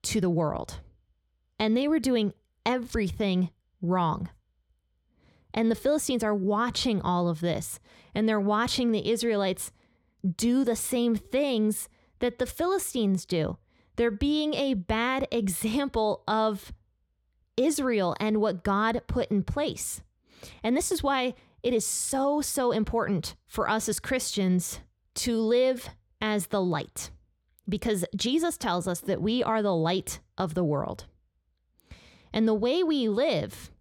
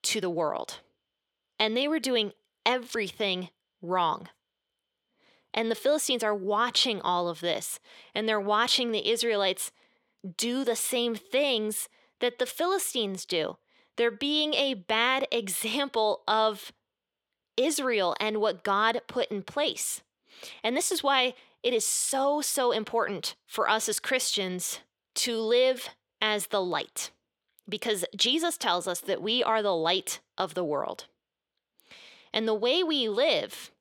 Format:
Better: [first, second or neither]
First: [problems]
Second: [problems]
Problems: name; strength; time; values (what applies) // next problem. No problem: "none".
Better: first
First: none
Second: thin; somewhat; fading below 400 Hz